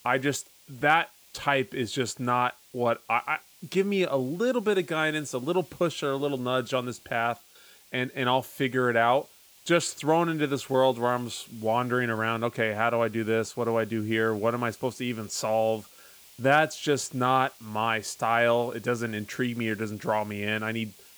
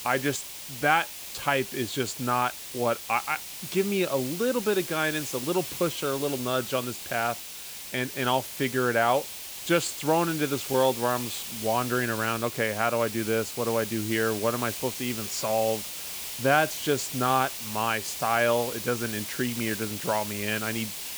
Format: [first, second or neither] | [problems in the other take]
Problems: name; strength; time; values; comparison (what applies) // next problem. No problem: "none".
first | hiss; loud; throughout; 7 dB below the speech; faint in the first